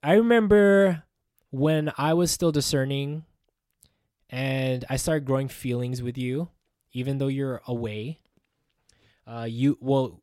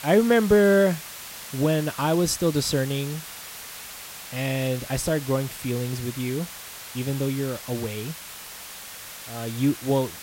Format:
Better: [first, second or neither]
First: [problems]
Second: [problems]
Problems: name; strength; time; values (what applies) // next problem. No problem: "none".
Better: first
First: none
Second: hiss; noticeable; throughout; 10 dB below the speech